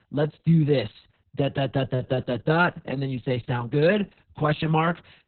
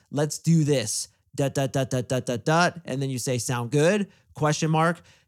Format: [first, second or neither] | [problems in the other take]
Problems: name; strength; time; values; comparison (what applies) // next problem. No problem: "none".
second | garbled, watery; badly; nothing above 4 kHz